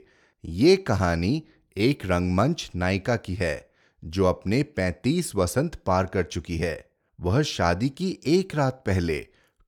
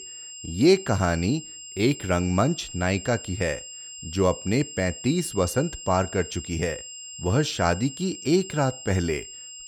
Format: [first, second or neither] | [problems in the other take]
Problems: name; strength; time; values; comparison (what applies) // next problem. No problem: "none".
first | high-pitched whine; noticeable; throughout; 7.5 kHz, 10 dB below the speech